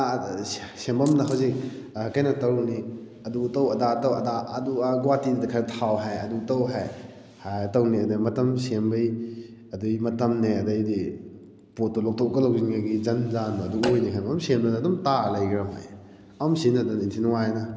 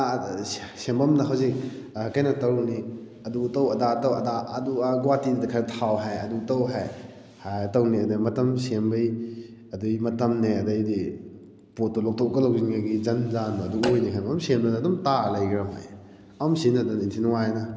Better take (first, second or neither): second